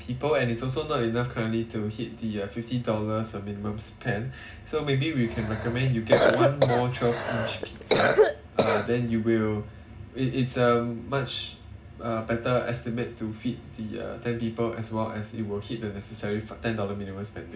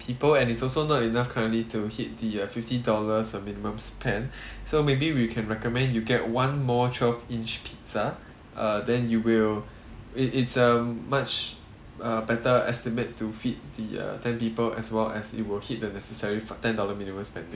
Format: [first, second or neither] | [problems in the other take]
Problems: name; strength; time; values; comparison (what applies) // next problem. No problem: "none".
second | background sound (Cough); 3 dB above the speech // room echo; dies away in 0.4 s